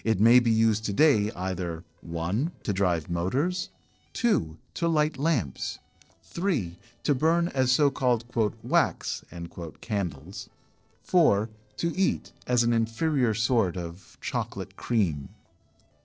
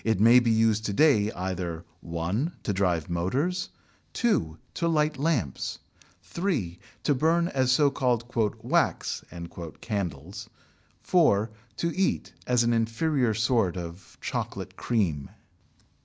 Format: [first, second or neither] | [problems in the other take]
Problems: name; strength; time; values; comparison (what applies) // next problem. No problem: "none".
second | noise reduction (neural separator model SepFormer DNS4)